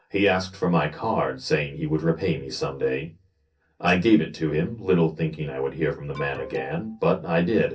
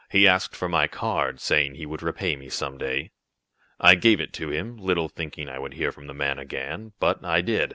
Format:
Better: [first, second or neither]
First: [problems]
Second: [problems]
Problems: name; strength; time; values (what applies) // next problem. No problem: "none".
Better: second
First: noise reduction (neural separator model SepFormer DNS4)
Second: none